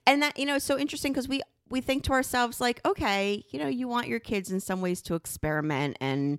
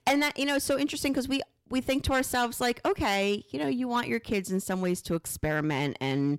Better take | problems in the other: first | distortion; slight; 4% of the sound clipped

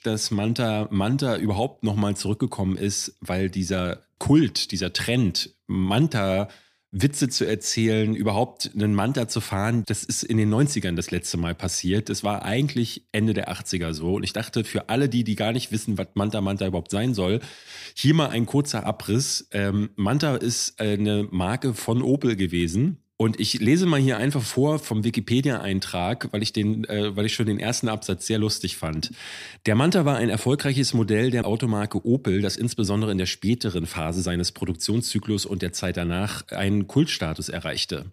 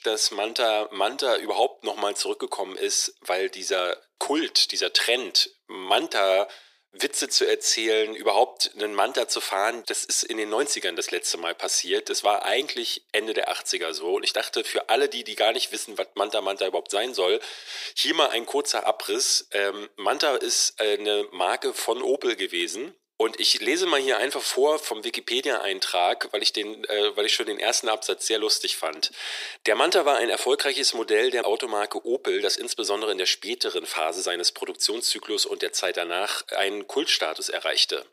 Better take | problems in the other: first | thin; very; fading below 400 Hz

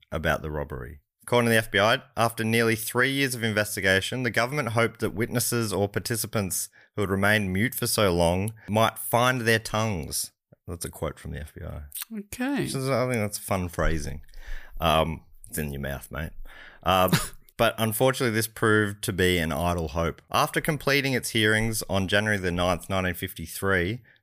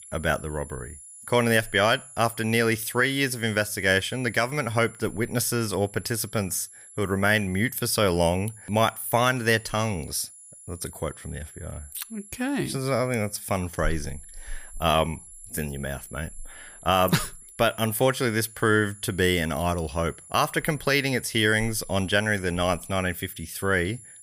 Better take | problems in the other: first | high-pitched whine; noticeable; throughout; 10.5 kHz, 20 dB below the speech

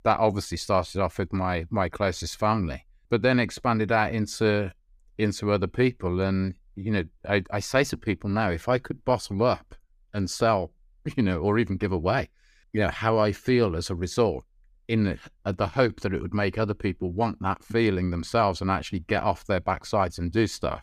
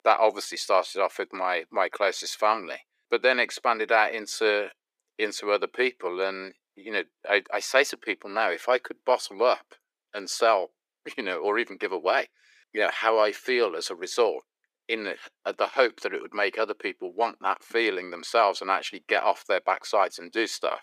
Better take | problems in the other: first | thin; very; fading below 400 Hz

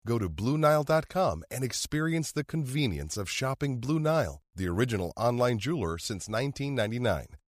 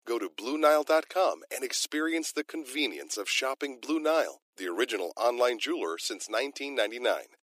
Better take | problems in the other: first | thin; very; fading below 300 Hz

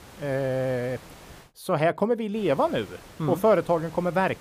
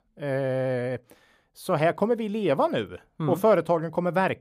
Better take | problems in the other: second | hiss; faint; until 1.5 s and from 2.5 s on; 20 dB below the speech

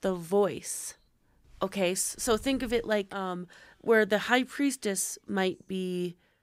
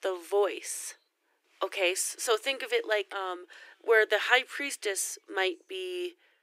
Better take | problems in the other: first | thin; very; fading below 300 Hz

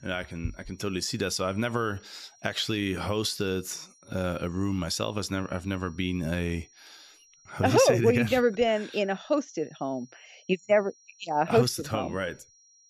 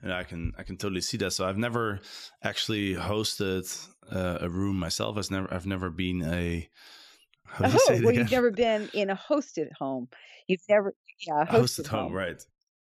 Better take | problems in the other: second | high-pitched whine; faint; throughout; 5.5 kHz, 30 dB below the speech

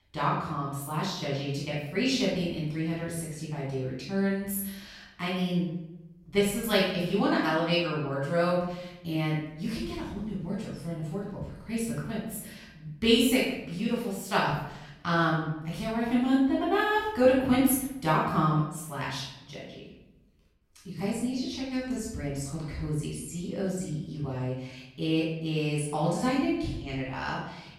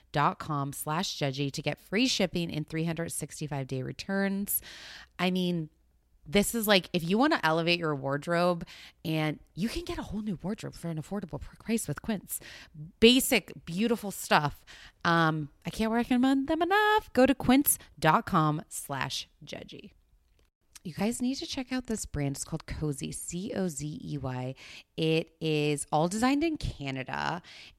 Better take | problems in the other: second | off-mic speech; far // room echo; noticeable; dies away in 0.8 s

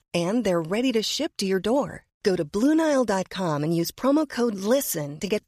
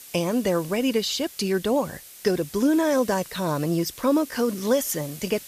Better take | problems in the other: first | hiss; noticeable; throughout; 15 dB below the speech

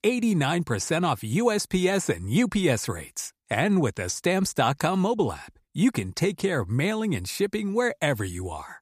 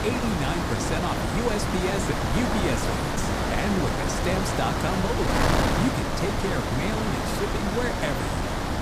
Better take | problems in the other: first | wind noise on the microphone; heavy; 4 dB above the speech

